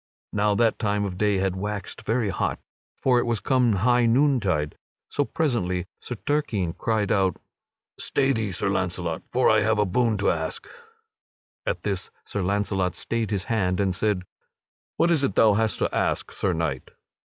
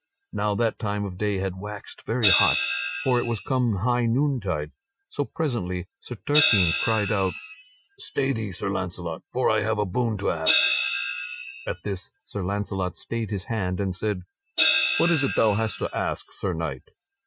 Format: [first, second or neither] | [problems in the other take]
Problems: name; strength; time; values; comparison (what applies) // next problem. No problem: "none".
first | noise reduction (classical method Wiener filter)